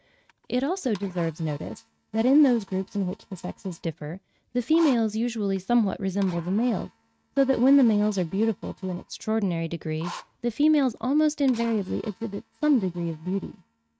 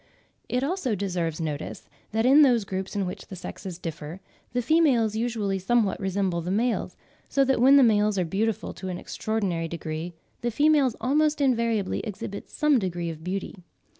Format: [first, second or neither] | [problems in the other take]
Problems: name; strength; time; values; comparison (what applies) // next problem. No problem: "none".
second | noise reduction (neural mask model RNNoise)